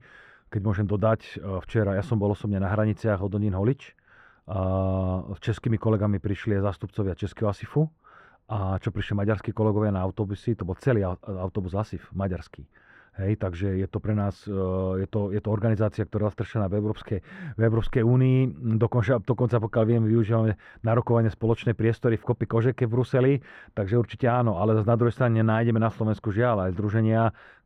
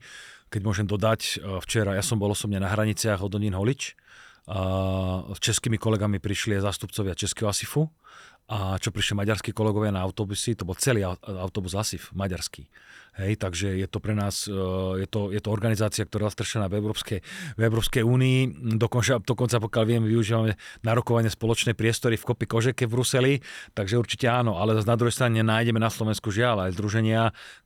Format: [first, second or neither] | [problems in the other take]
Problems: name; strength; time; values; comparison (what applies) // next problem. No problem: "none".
second | muffled; very; fading above 3 kHz